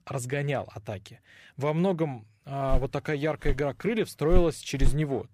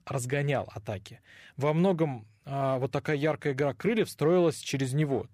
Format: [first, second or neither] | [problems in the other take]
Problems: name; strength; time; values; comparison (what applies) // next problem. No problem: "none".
second | footsteps; noticeable; from 2.5 s on; peak 4 dB below the speech